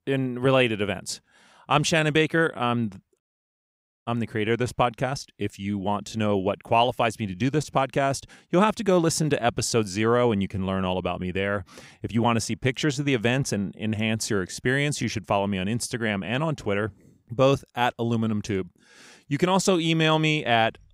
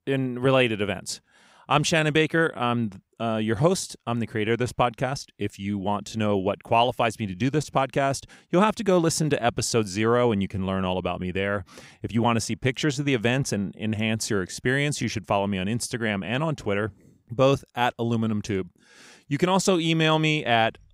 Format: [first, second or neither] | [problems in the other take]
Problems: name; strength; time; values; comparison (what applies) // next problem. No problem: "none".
second | audio cutting out; at 3 s for 1 s